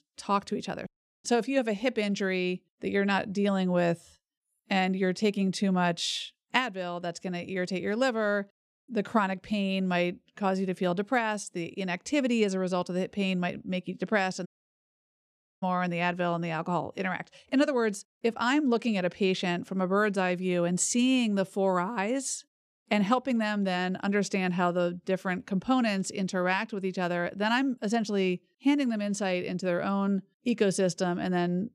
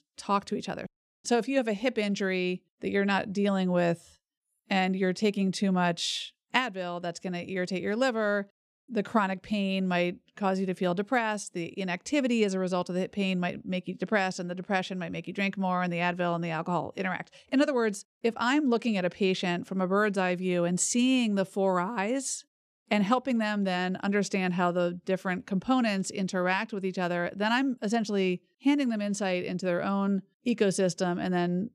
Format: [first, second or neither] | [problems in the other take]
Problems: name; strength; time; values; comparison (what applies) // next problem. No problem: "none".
second | audio cutting out; at 14 s for 1 s